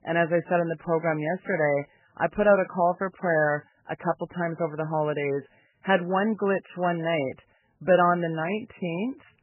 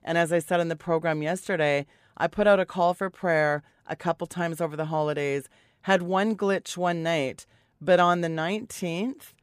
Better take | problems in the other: second | garbled, watery; badly; nothing above 3 kHz

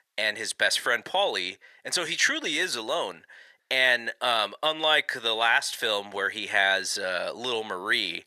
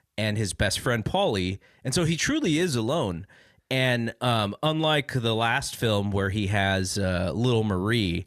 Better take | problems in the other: second | thin; very; fading below 600 Hz

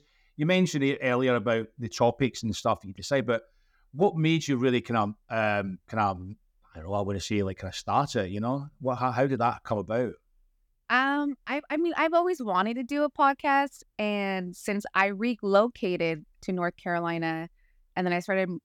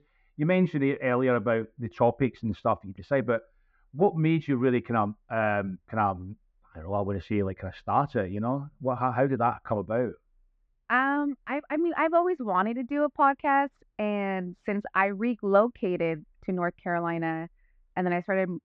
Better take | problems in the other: first | muffled; very; fading above 2 kHz

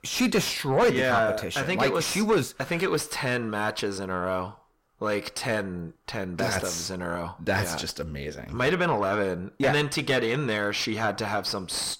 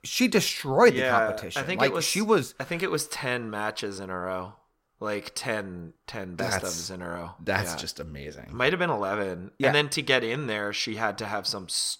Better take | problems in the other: second | distortion; heavy; 8 dB below the speech

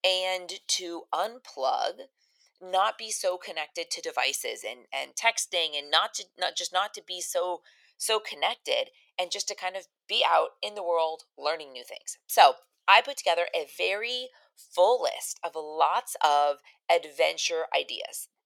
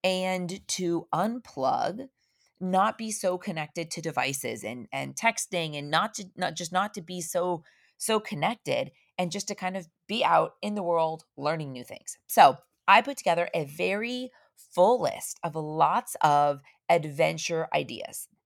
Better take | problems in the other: second | thin; very; fading below 450 Hz

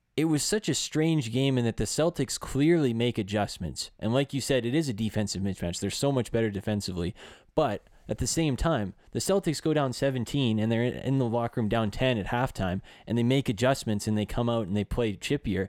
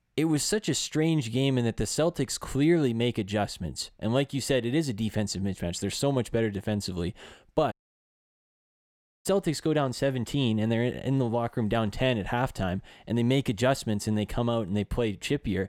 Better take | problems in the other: first | audio cutting out; at 7.5 s for 1.5 s

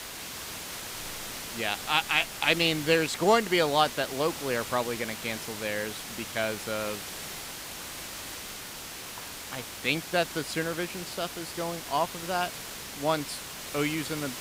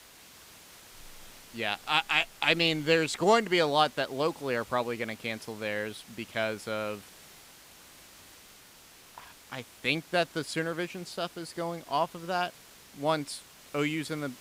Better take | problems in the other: second | hiss; loud; throughout; 8 dB below the speech; faint in the second

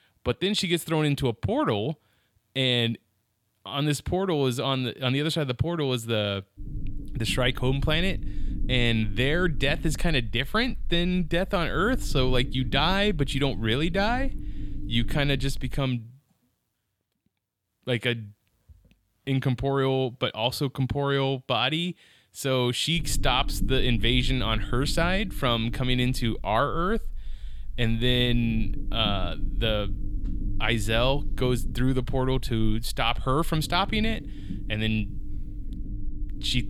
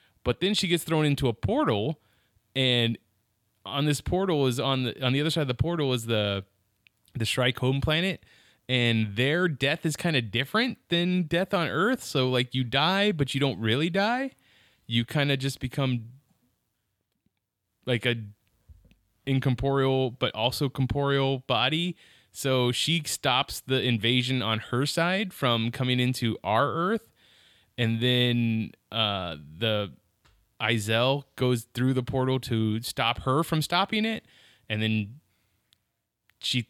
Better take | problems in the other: second | low rumble; faint; from 6.5 to 16 s and from 23 s on; 20 dB below the speech

